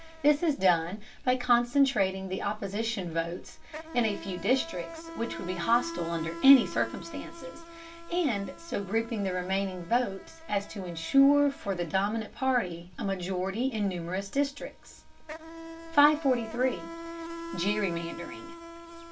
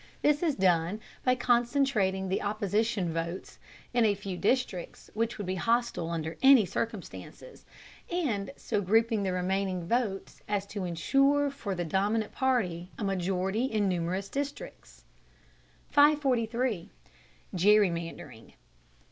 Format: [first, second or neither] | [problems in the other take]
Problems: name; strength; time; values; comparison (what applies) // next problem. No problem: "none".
second | background sound (Insect); 14 dB below the speech // room echo; dies away in 0.2 s